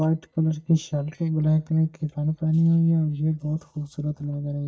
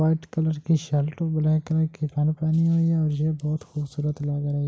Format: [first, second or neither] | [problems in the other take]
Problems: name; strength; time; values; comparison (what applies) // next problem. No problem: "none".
second | noise reduction (neural mask model DeepFilterNet 3)